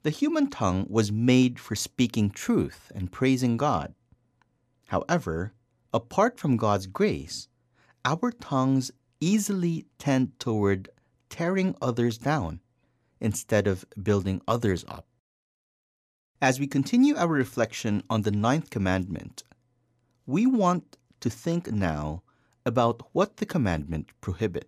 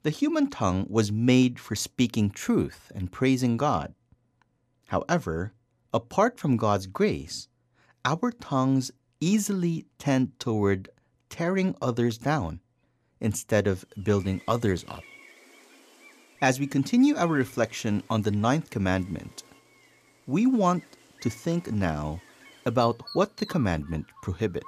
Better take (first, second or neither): first